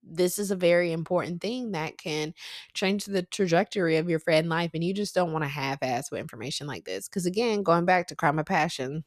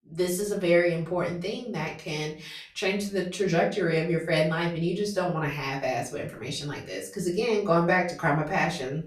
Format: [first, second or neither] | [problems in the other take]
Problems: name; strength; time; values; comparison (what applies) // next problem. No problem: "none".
first | off-mic speech; far // room echo; slight; dies away in 0.3 s